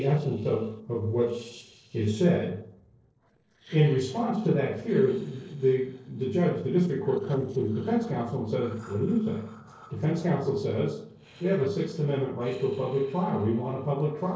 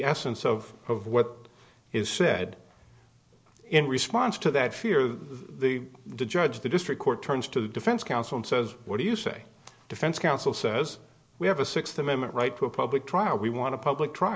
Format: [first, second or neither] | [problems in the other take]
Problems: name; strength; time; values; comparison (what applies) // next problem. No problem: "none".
second | noise reduction (neural separator model SepFormer DNS4)